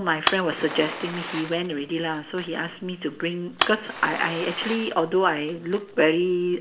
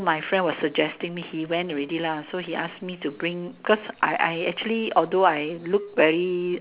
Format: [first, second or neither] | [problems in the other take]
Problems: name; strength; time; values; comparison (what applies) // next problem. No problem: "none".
second | background sound (Fire); 9 dB below the speech // room echo; dies away in 0.4 s